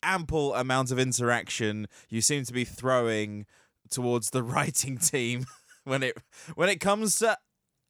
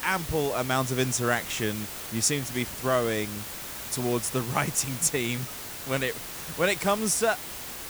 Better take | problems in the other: first | hiss; loud; throughout; 8 dB below the speech

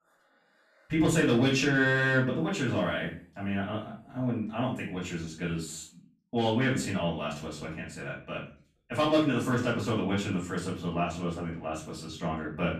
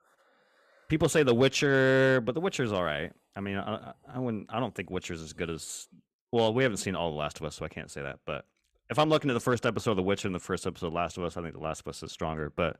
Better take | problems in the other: second | room echo; slight; dies away in 0.4 s // off-mic speech; far

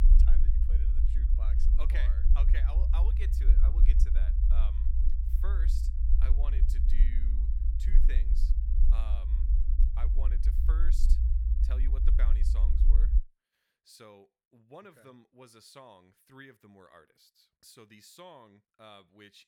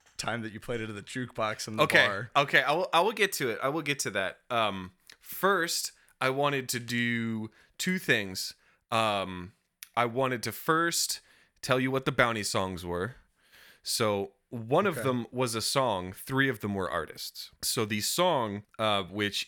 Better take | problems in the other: second | low rumble; loud; until 13 s; 1 dB below the speech

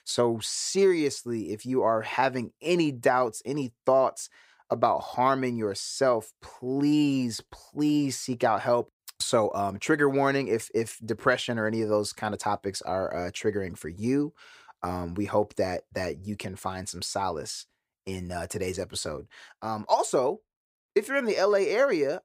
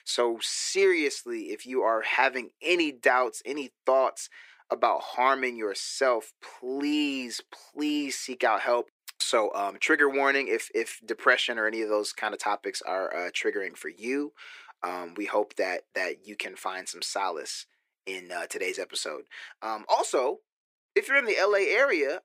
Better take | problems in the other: first | thin; very slightly; fading below 350 Hz

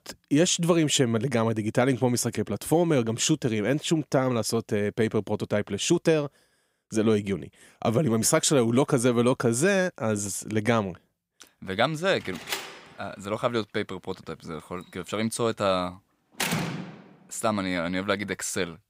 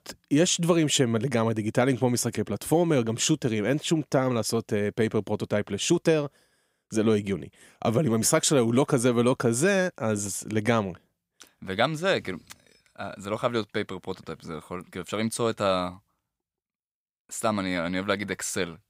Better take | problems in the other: second | door banging; noticeable; from 12 to 17 s; peak 2 dB below the speech

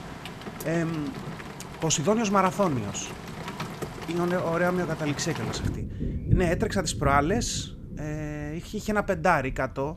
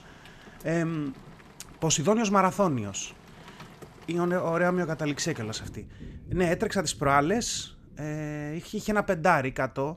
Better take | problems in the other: second | rain or running water; loud; throughout; 8 dB below the speech; faint in the second

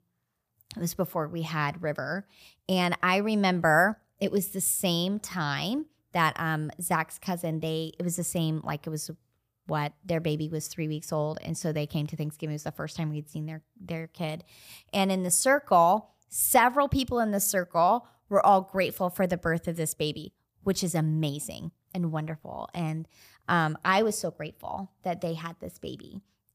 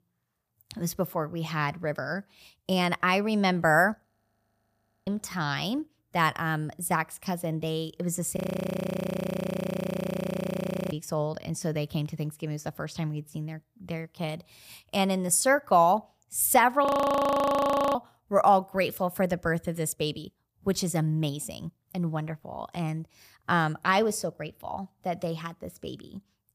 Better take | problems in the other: first | audio freezing; at 4 s for 1 s, at 8.5 s for 2.5 s and at 17 s for 1 s

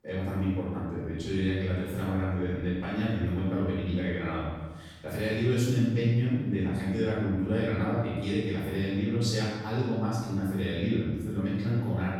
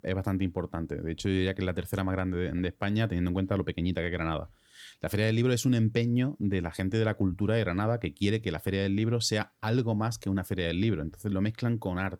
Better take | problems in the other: second | off-mic speech; far // room echo; strong; dies away in 1.2 s

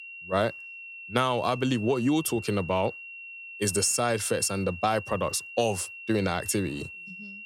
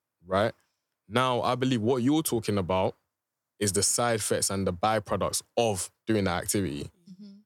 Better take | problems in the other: second | high-pitched whine; noticeable; throughout; 2.5 kHz, 15 dB below the speech

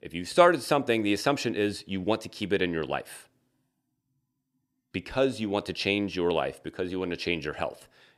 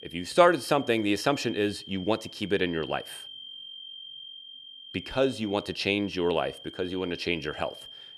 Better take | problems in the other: first | high-pitched whine; noticeable; throughout; 3 kHz, 15 dB below the speech

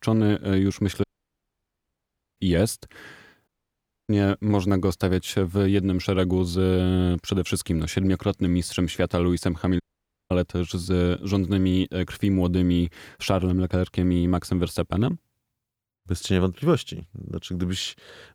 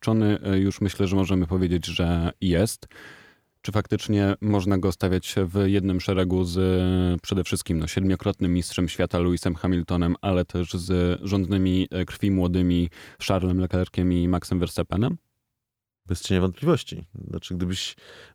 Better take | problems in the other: second | audio cutting out; at 1 s for 1.5 s, at 3.5 s for 0.5 s and at 10 s for 0.5 s

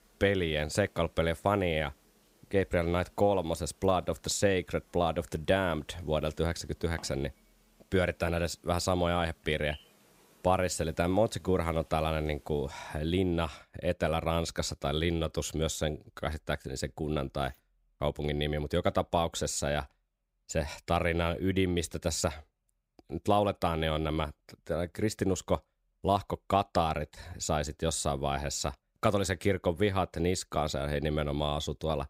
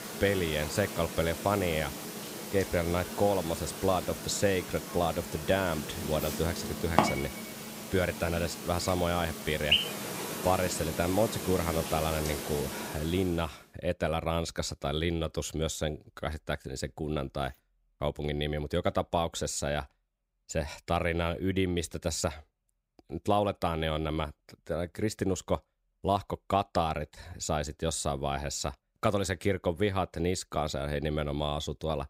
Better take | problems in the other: first | animal sounds; loud; until 13 s; 4 dB below the speech; faint in the first

